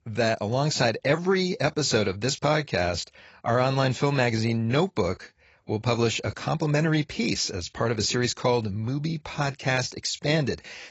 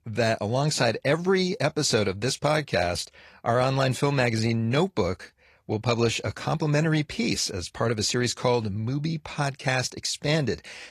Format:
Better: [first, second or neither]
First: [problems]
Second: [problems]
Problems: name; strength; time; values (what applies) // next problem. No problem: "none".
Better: second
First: garbled, watery; badly; nothing above 7.5 kHz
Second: garbled, watery; slightly